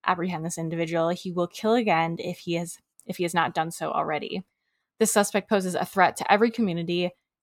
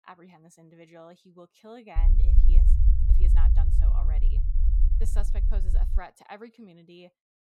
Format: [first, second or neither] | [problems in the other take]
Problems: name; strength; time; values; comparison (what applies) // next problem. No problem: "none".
first | low rumble; loud; from 2 to 6 s; 1 dB below the speech